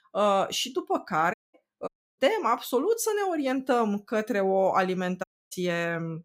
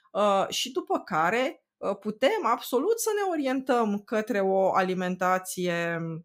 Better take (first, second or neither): second